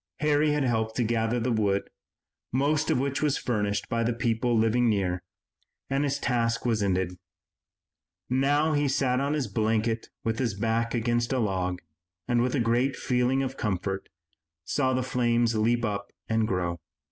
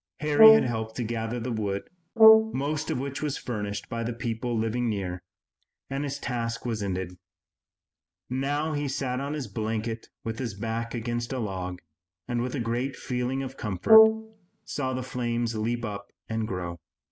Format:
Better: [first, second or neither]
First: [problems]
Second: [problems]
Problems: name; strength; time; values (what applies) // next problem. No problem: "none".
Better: first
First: none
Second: background sound (Brass instrument); 5 dB above the speech